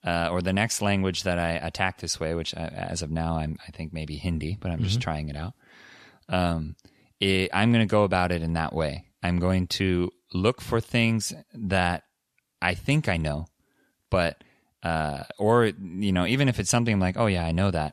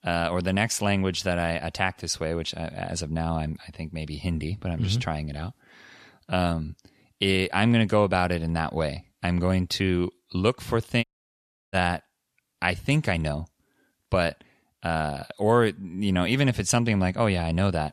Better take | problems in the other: first | audio cutting out; at 11 s for 0.5 s

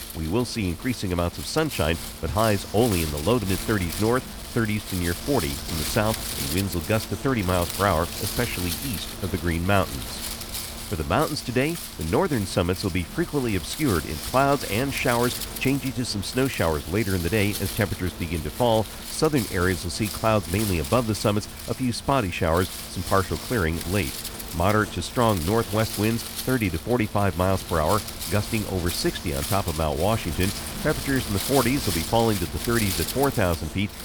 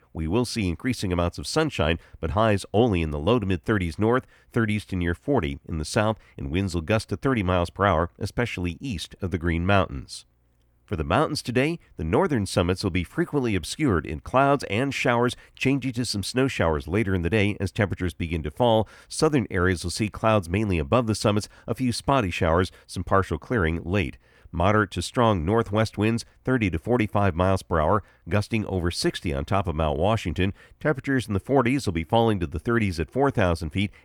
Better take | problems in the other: second | wind noise on the microphone; heavy; 8 dB below the speech

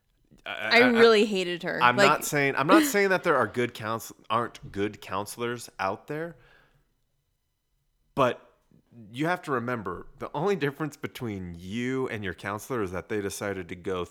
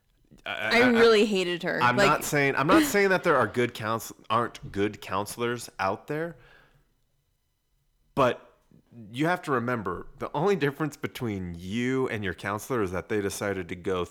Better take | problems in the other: first | distortion; slight; 10 dB below the speech

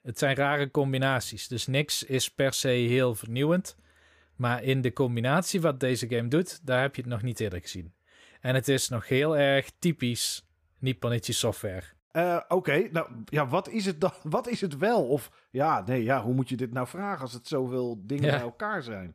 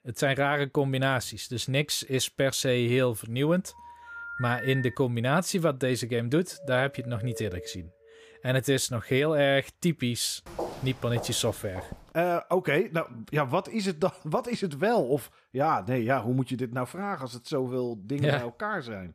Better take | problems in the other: first | phone ringing; noticeable; from 3.5 to 5 s; peak 7 dB below the speech // doorbell; faint; from 6.5 to 8.5 s; peak 10 dB below the speech // footsteps; noticeable; from 10 to 12 s; peak 8 dB below the speech

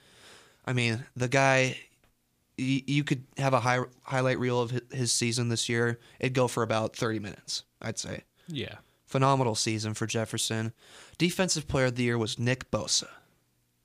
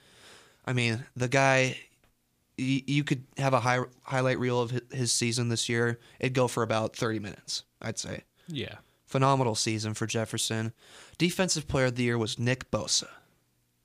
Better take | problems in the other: neither | none

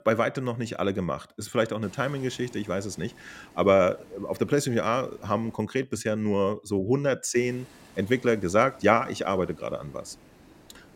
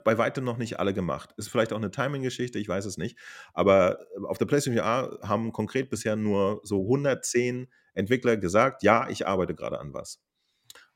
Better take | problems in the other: second | hiss; faint; from 2 to 5.5 s and from 7.5 s on; 25 dB below the speech

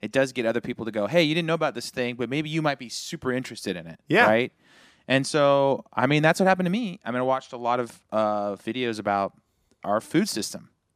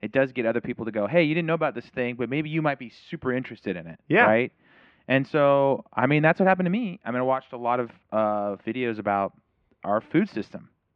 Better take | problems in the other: first | muffled; very; fading above 2.5 kHz

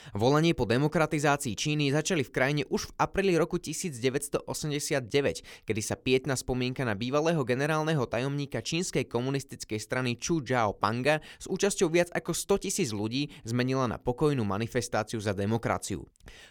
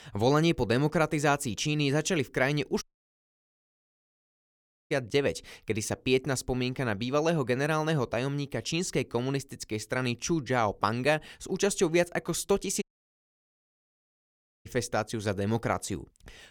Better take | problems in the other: first | audio cutting out; at 3 s for 2 s and at 13 s for 2 s

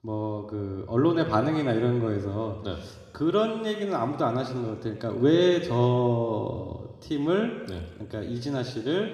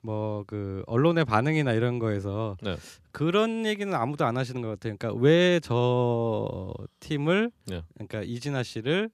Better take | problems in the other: second | room echo; slight; dies away in 1.3 s // off-mic speech; somewhat distant

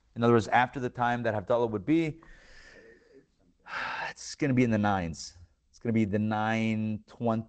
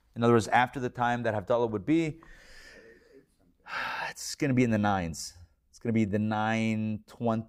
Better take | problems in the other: second | garbled, watery; slightly; nothing above 8 kHz

